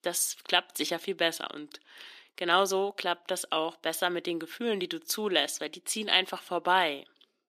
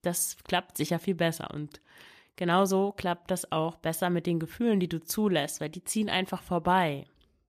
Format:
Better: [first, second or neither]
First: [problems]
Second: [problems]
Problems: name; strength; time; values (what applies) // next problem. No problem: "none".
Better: second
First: thin; somewhat; fading below 250 Hz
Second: none